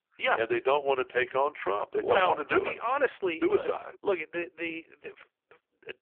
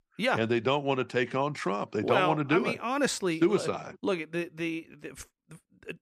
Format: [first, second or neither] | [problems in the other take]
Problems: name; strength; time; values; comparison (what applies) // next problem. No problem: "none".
second | phone-call audio; poor line